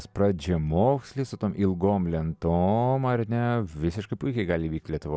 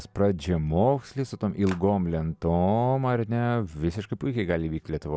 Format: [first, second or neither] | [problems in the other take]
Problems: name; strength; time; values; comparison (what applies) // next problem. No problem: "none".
first | background sound (Clapping); 15 dB below the speech